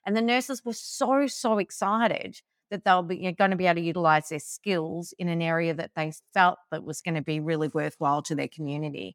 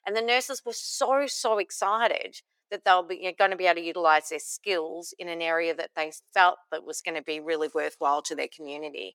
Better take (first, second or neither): first